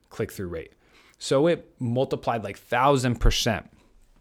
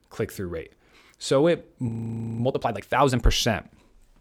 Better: first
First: none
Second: audio freezing; at 2 s for 0.5 s

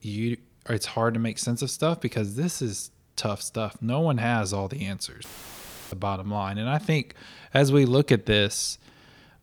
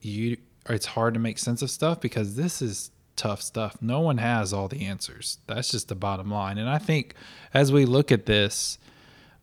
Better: second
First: audio cutting out; filled with static; at 5 s for 0.5 s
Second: none

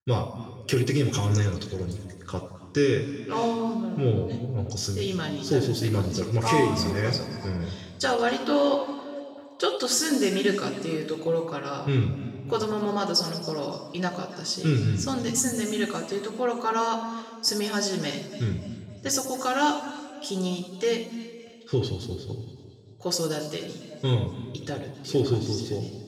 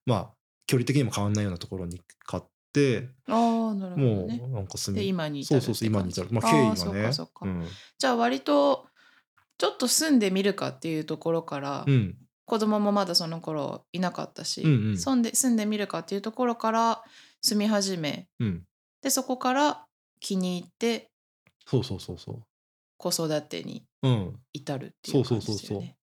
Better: second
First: room echo; noticeable; dies away in 1.9 s // off-mic speech; far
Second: none

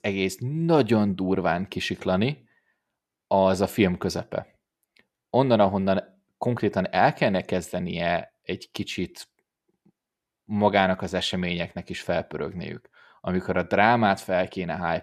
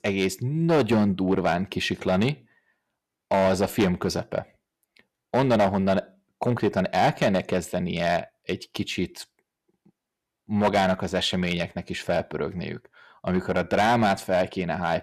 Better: first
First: none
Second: distortion; slight; 4% of the sound clipped

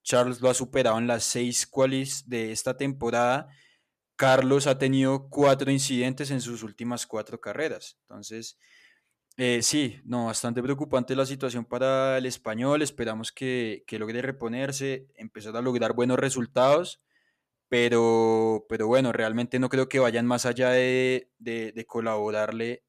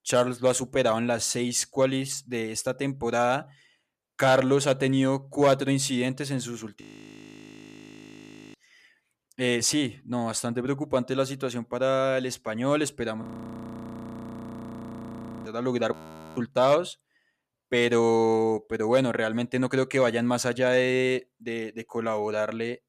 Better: first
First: none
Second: audio freezing; at 7 s for 1.5 s, at 13 s for 2 s and at 16 s

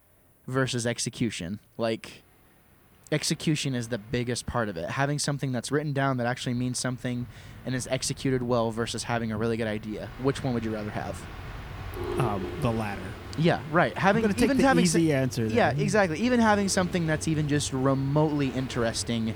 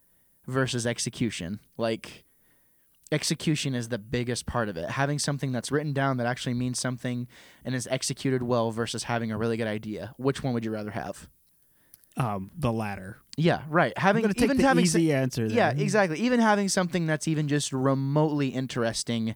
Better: second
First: train or aircraft noise; noticeable; throughout; 15 dB below the speech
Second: none

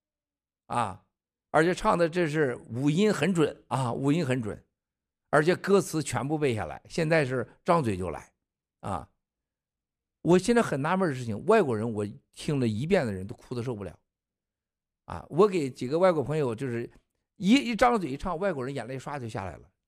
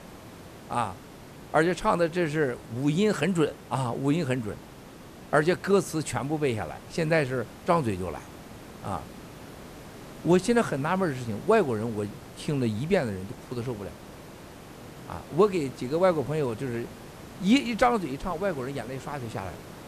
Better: first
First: none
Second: hiss; noticeable; throughout; 15 dB below the speech

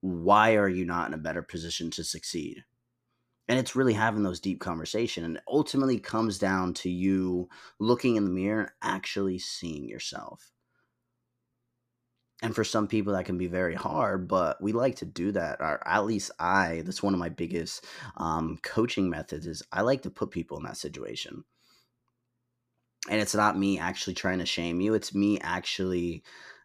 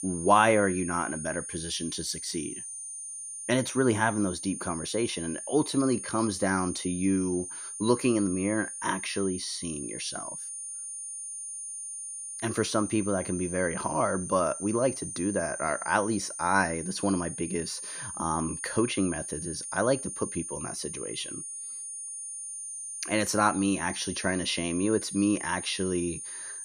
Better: first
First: none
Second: high-pitched whine; loud; throughout; 9 kHz, 7 dB below the speech

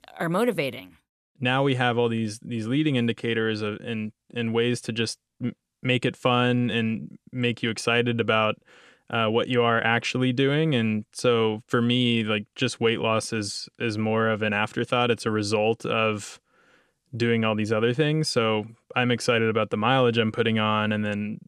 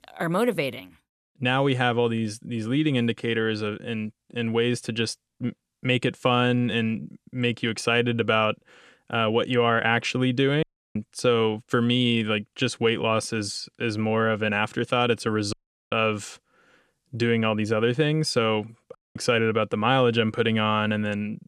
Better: first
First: none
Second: audio cutting out; at 11 s, at 16 s and at 19 s

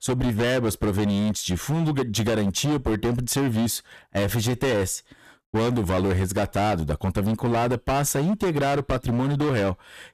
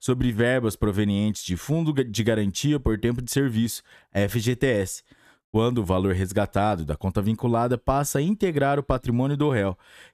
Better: second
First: distortion; heavy; 26% of the sound clipped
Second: none

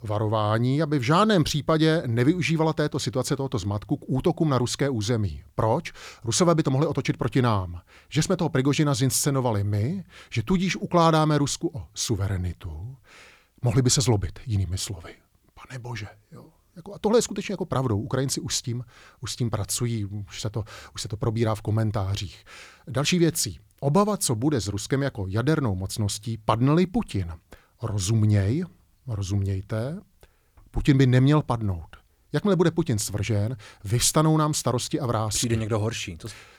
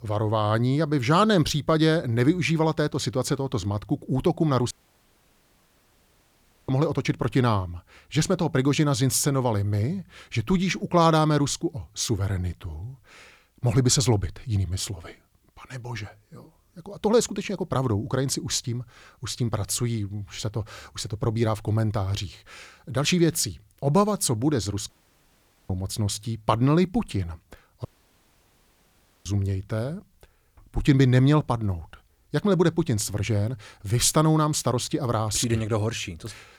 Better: first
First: none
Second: audio cutting out; at 4.5 s for 2 s, at 25 s for 1 s and at 28 s for 1.5 s

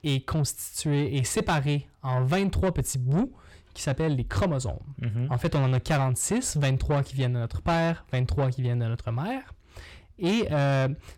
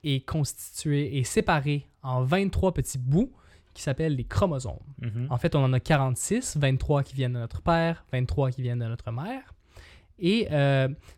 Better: second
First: distortion; slight; 10 dB below the speech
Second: none

